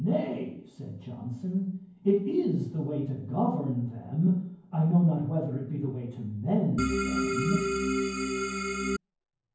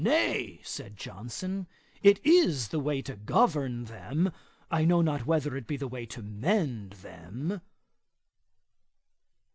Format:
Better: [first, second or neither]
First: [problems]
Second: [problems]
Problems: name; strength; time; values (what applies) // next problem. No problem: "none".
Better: second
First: background sound (Organ); as loud as the speech // room echo; dies away in 0.9 s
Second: none